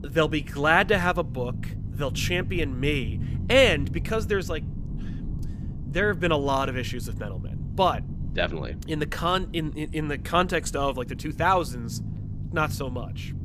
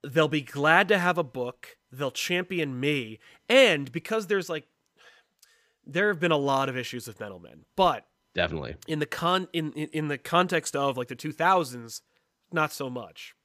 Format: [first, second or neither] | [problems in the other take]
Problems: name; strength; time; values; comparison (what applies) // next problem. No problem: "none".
second | low rumble; faint; throughout; 20 dB below the speech